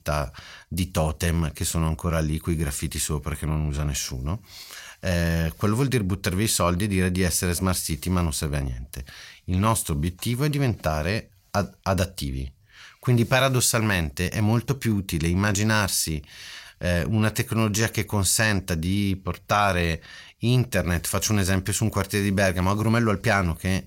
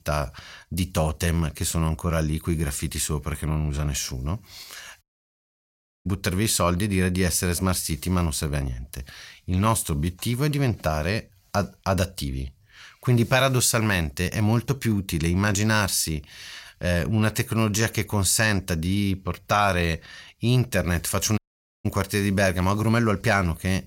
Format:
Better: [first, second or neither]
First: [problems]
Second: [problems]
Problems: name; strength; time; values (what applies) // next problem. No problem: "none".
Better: first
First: none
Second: audio cutting out; at 5 s for 1 s and at 21 s